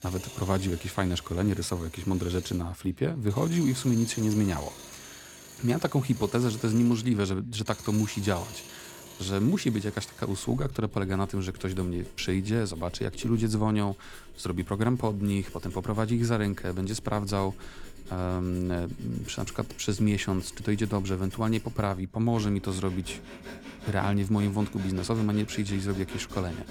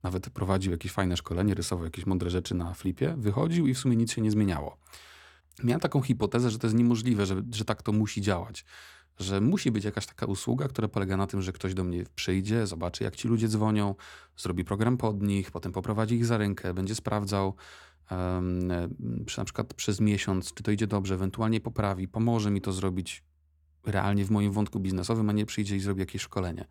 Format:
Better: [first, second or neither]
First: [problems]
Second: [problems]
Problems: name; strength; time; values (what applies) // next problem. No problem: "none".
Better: second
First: machinery noise; noticeable; throughout; 15 dB below the speech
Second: none